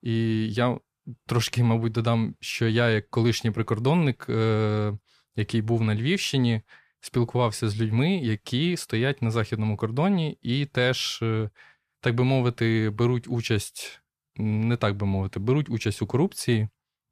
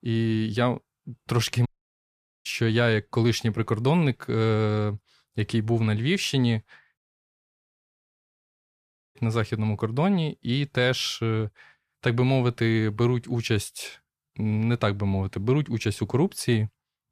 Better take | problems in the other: first | audio cutting out; at 1.5 s for 1 s and at 7 s for 2 s

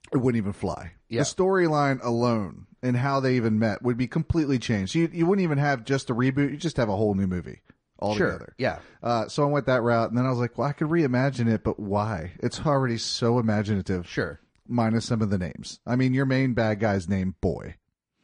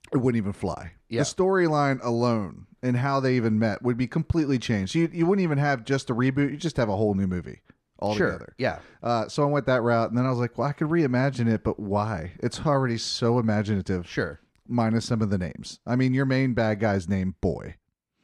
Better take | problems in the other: second | garbled, watery; slightly; nothing above 9 kHz

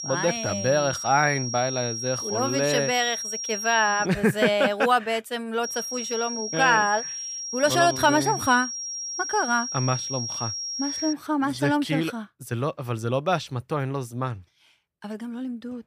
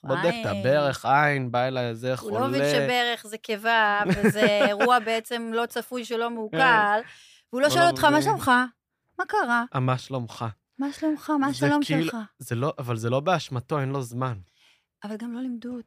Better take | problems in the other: second | high-pitched whine; loud; until 4 s and from 5.5 to 11 s; 5.5 kHz, 5 dB below the speech

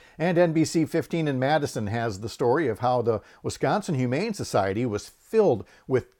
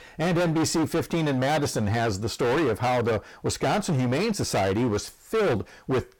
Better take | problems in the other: first | distortion; heavy; 27% of the sound clipped

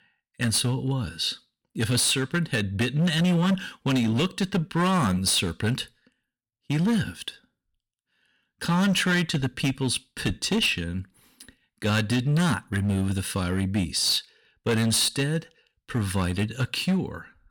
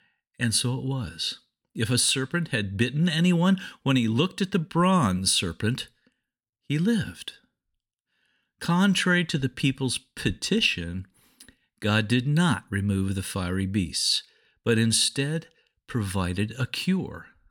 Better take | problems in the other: second | distortion; slight; 10% of the sound clipped

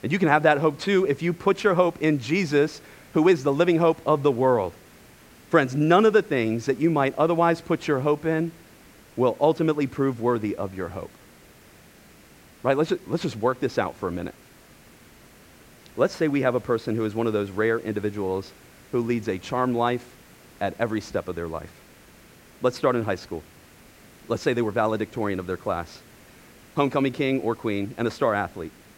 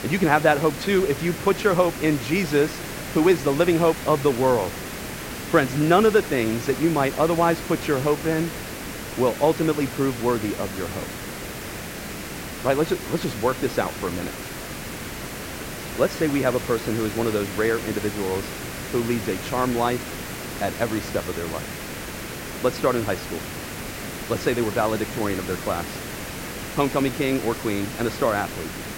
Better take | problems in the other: first | hiss; loud; throughout; 9 dB below the speech; faint in the first

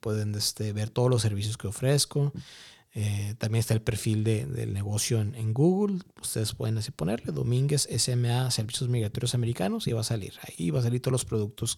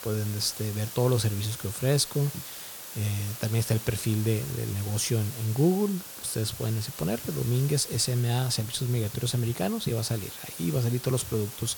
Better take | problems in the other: first | hiss; loud; throughout; 10 dB below the speech

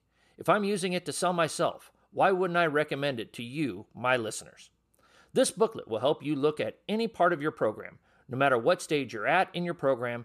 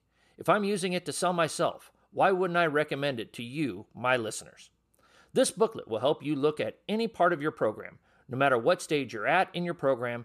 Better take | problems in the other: neither | none

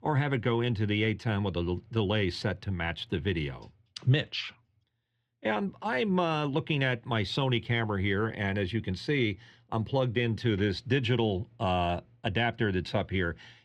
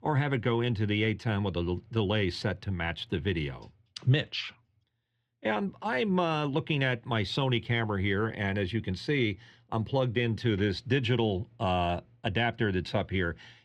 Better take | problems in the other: neither | muffled; very slightly; fading above 3 kHz; the same in both

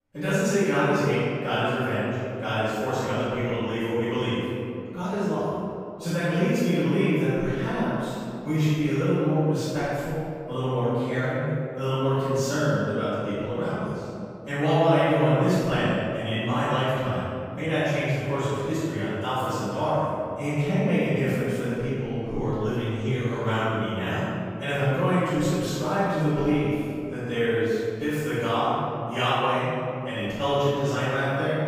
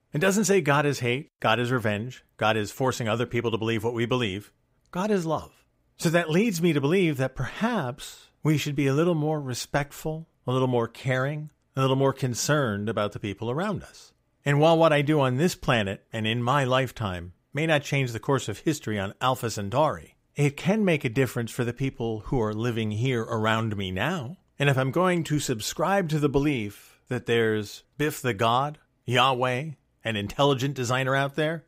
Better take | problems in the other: second | off-mic speech; far // room echo; strong; dies away in 2.4 s

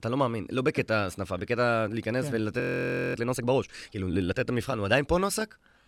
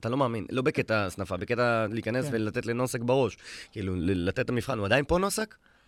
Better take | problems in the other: second | audio freezing; at 2.5 s for 0.5 s

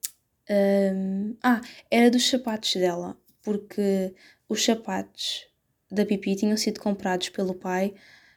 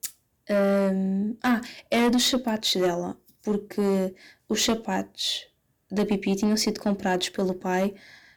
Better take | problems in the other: first | distortion; slight; 10 dB below the speech

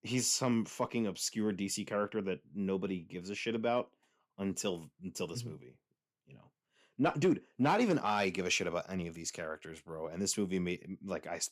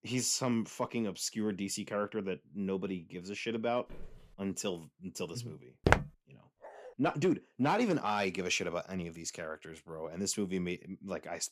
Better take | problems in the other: first | footsteps; faint; at 4 s; peak 20 dB below the speech // footsteps; loud; at 6 s; peak 6 dB above the speech // dog barking; faint; at 6.5 s; peak 15 dB below the speech

